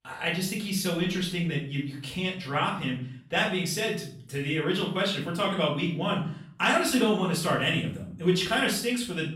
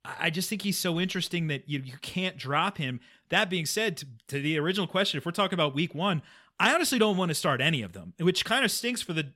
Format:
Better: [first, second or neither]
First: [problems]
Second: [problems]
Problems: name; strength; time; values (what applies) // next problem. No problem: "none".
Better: second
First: off-mic speech; far // room echo; noticeable; dies away in 0.5 s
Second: none